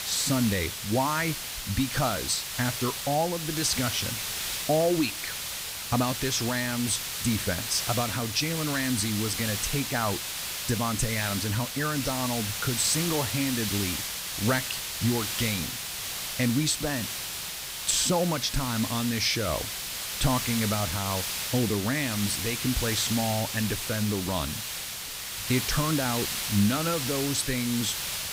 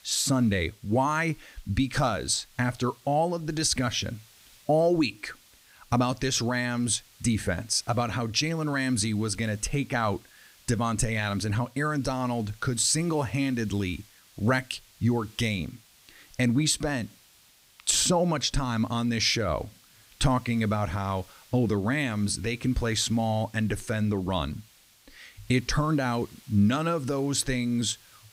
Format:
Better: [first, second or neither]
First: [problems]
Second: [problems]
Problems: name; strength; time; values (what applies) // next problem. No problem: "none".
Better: second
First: hiss; loud; throughout; 2 dB below the speech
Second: hiss; faint; throughout; 25 dB below the speech